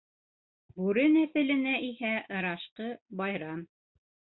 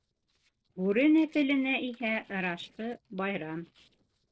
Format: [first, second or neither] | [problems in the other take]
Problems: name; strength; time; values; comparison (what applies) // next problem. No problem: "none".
first | noise reduction (neural separator model SepFormer DNS4)